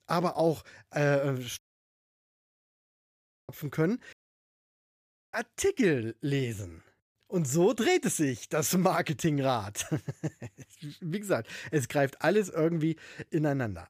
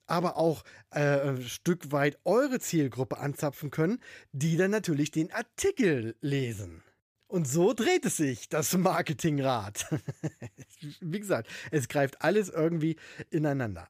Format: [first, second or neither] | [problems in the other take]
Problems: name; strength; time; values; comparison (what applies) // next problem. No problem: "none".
second | audio cutting out; at 1.5 s for 2 s and at 4 s for 1 s